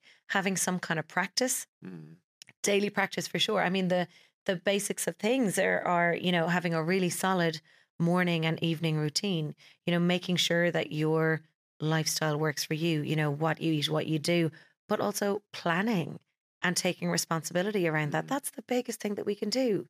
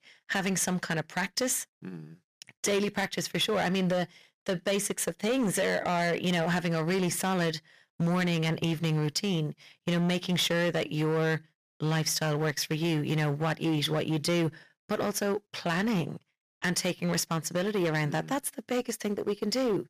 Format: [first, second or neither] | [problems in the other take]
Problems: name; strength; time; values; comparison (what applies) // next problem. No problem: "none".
first | distortion; slight; 13% of the sound clipped